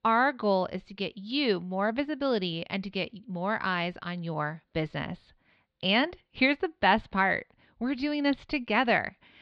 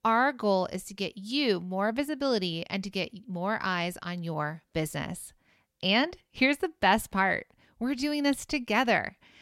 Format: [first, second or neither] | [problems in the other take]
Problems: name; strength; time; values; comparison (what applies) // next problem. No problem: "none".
second | muffled; very slightly; fading above 4 kHz